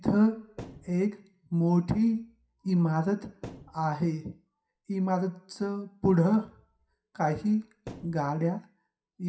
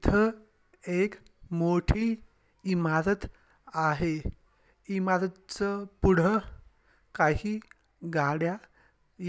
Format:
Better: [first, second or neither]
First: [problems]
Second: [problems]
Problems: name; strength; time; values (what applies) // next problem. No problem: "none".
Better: second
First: noise reduction (classical method WPE with log-MMSE)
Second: none